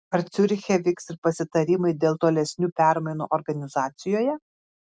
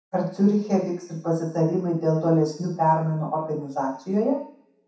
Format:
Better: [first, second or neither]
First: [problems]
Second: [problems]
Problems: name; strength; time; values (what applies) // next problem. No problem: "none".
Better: first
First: none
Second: room echo; dies away in 0.7 s